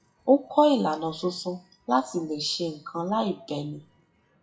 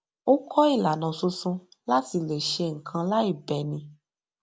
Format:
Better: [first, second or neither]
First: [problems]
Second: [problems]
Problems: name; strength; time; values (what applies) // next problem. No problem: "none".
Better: second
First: noise reduction (classical method WPE with log-MMSE)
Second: none